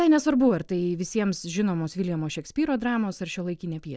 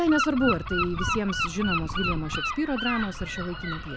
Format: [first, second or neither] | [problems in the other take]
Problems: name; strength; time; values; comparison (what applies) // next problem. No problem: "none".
first | background sound (Gull, seagull / Wind); 2 dB below the speech